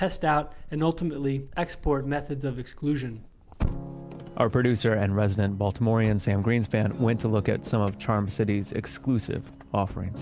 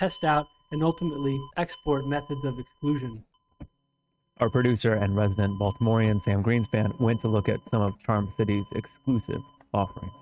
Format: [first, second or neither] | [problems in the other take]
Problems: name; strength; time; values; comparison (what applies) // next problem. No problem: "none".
first | noise reduction (neural mask model RNNoise)